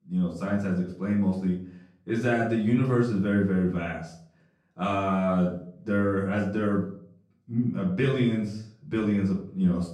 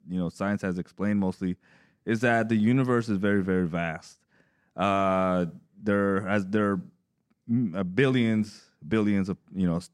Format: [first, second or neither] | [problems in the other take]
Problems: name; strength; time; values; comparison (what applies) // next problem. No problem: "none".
second | off-mic speech; far // room echo; slight; dies away in 0.5 s